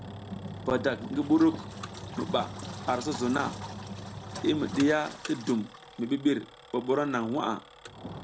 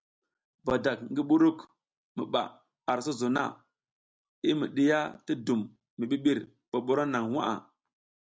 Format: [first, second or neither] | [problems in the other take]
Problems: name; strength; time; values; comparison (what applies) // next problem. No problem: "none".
second | background sound (Engine); 11 dB below the speech